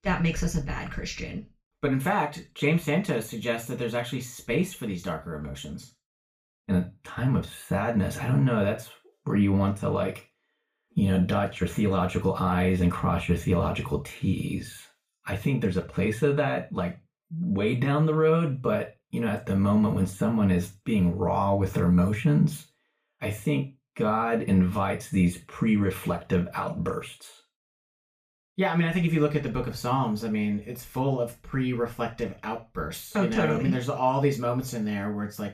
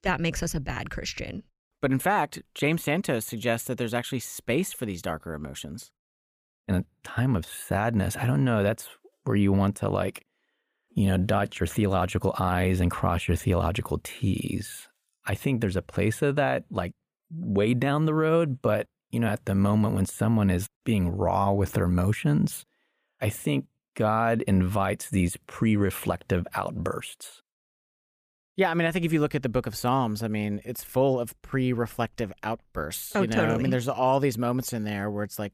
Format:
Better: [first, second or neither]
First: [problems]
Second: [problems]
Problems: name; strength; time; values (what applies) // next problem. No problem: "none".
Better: second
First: room echo; very slight; dies away in 0.2 s // off-mic speech; far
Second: none